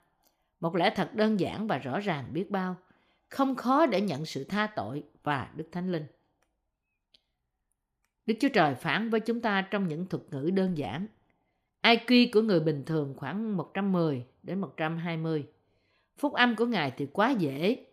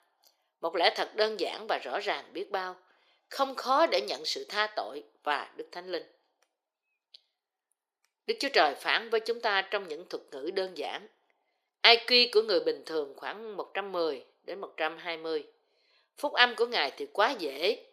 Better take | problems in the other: first | thin; very; fading below 450 Hz

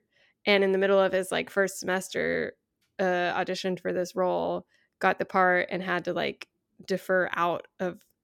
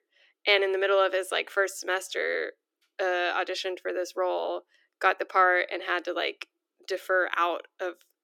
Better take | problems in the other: first | thin; very; fading below 300 Hz

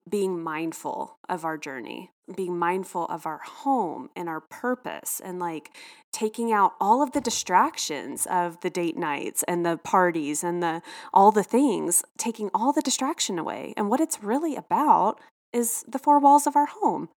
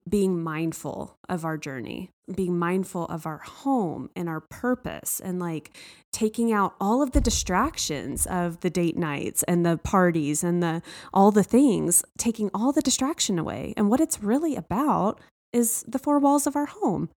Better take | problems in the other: second | thin; somewhat; fading below 300 Hz

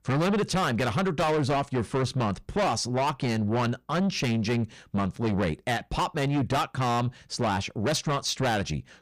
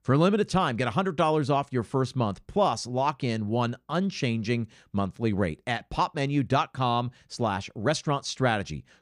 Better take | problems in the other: second | distortion; heavy; 6 dB below the speech

